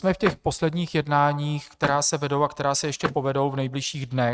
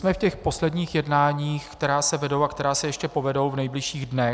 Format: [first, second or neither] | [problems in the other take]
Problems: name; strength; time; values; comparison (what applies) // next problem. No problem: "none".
second | noise reduction (neural mask model RNNoise)